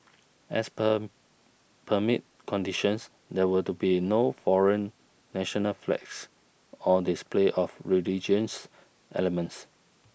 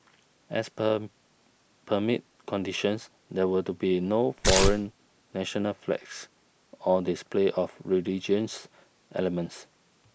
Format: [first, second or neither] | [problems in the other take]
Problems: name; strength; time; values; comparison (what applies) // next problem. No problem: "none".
first | background sound (Tearing); 5 dB above the speech